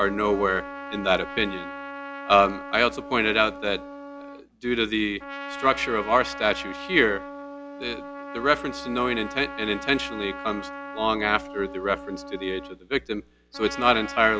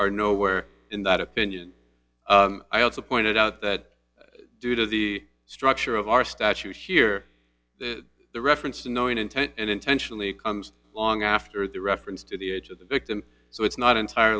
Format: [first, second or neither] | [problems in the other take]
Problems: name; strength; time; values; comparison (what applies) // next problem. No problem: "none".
second | background sound (Trumpet); 12 dB below the speech